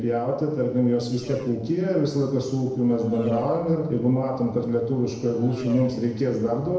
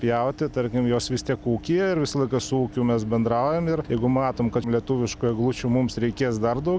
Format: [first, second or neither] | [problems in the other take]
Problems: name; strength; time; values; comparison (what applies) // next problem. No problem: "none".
second | noise reduction (neural separator model SepFormer DNS4)